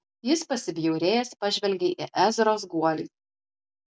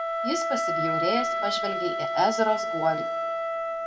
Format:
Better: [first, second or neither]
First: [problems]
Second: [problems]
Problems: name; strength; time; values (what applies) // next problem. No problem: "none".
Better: first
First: none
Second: background sound (Wind instrument, woodwind instrument); 1 dB above the speech // room echo; dies away in 1.1 s